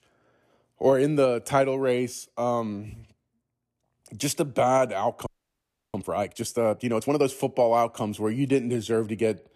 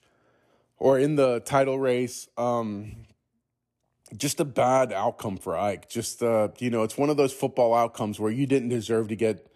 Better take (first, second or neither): second